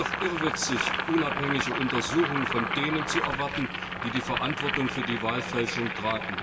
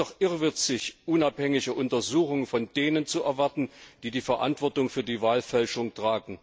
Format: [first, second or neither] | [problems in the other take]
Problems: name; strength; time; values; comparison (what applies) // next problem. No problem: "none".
second | background sound (Boiling); 1 dB below the speech // room echo; dies away in 1.4 s